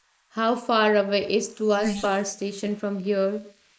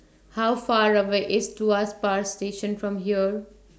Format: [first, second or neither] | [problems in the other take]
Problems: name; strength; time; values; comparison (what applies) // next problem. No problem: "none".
second | noise reduction (neural mask model Resemble Enhance denoiser)